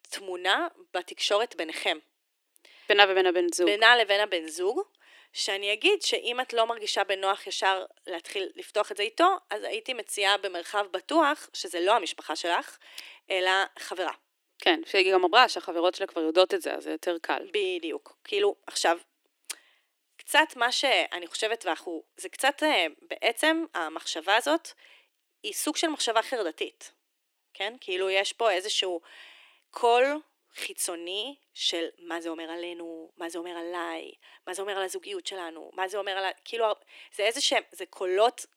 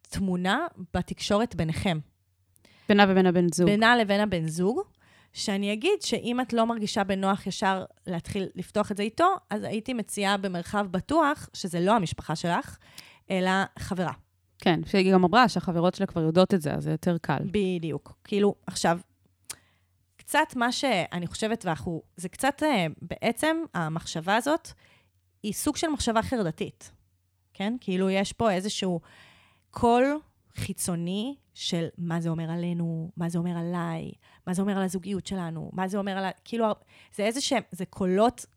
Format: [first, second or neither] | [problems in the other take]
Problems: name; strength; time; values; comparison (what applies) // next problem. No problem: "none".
second | thin; very; fading below 300 Hz